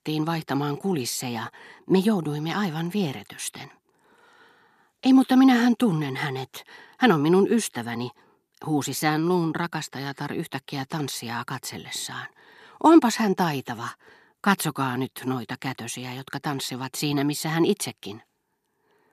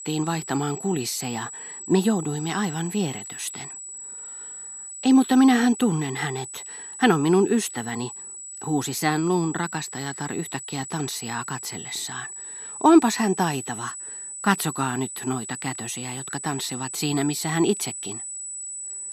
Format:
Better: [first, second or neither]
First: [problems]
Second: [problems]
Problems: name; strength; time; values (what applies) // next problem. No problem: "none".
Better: first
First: none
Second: high-pitched whine; loud; throughout; 8 kHz, 10 dB below the speech